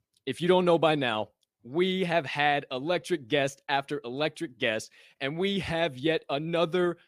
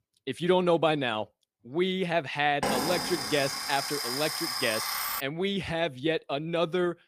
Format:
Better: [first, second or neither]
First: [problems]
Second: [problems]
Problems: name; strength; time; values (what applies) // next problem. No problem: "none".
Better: first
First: none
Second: alarm; loud; from 2.5 to 5 s; peak 1 dB above the speech